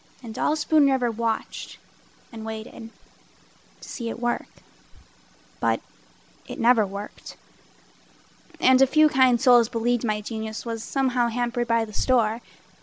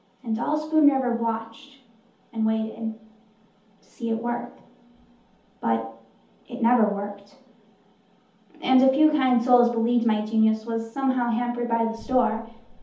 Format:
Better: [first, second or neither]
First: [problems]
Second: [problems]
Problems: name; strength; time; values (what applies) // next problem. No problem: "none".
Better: first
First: none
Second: room echo; dies away in 0.6 s